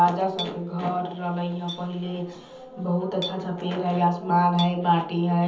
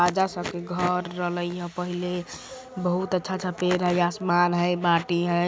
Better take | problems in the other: second | background sound (Chink, clink); 18 dB below the speech // room echo; dies away in 0.7 s

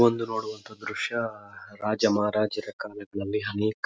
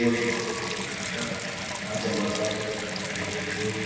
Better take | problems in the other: first | background sound (Bathtub (filling or washing) / Water tap, faucet); 1 dB below the speech // room echo; dies away in 1.9 s

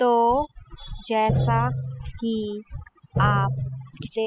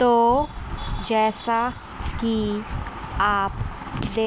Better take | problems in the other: second | noise reduction (classical method spectral subtraction)

